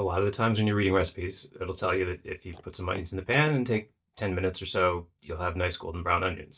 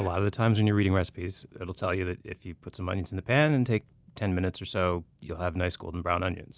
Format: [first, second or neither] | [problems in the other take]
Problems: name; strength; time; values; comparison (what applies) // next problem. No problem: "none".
second | noise reduction (neural mask model DeepFilterNet 3)